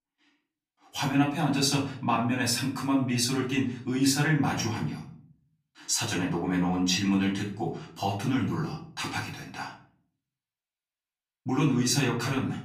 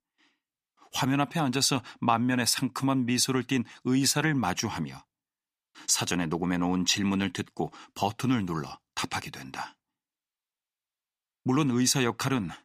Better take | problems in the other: second | off-mic speech; far // room echo; slight; dies away in 0.5 s

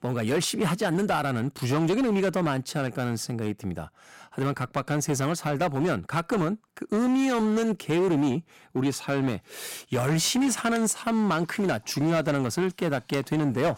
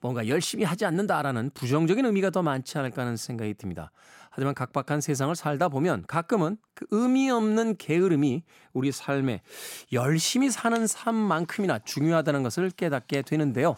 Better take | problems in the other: second | distortion; slight; 13% of the sound clipped

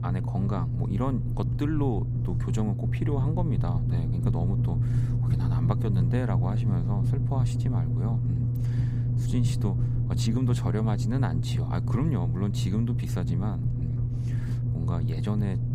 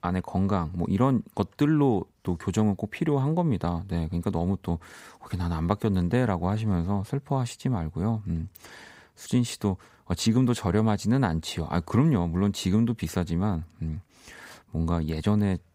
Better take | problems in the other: second | low rumble; loud; throughout; 2 dB below the speech

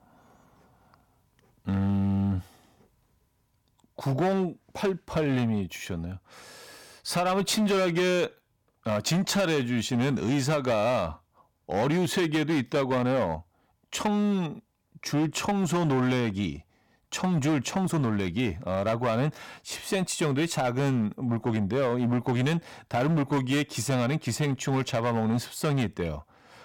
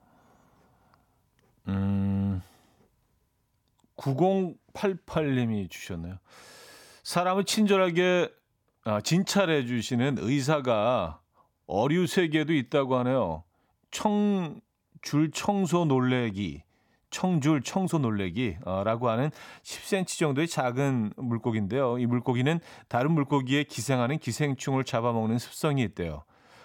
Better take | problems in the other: second | distortion; slight; 12% of the sound clipped

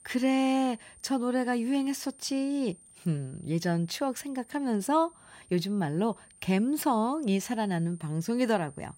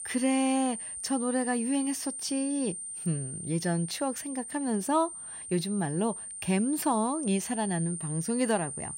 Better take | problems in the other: first | high-pitched whine; loud; throughout; 9 kHz, 6 dB below the speech; faint in the first

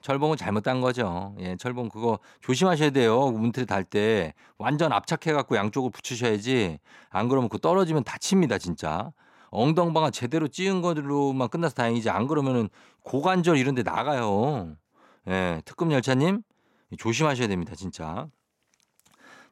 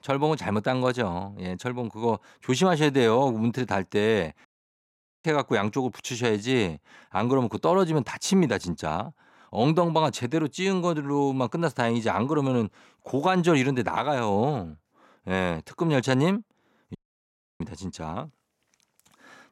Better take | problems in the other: first | audio cutting out; at 4.5 s for 1 s and at 17 s for 0.5 s

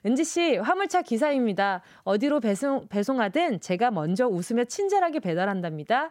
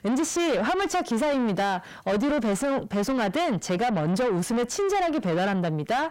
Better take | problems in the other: first | distortion; heavy; 7 dB below the speech

